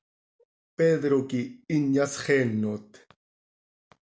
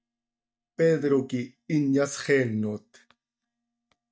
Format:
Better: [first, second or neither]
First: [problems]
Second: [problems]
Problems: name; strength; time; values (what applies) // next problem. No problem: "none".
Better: first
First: none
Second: noise reduction (neural mask model DeepFilterNet 3)